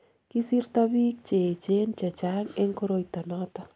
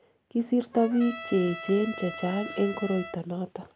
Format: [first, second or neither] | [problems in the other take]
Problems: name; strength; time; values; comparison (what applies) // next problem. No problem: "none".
first | background sound (Trumpet); 13 dB below the speech